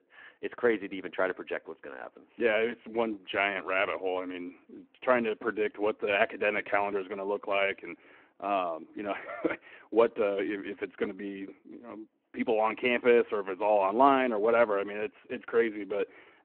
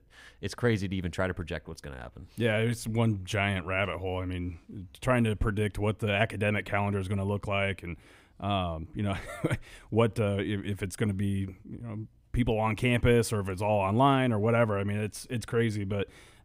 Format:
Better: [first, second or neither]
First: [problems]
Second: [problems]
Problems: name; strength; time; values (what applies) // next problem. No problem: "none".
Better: second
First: phone-call audio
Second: none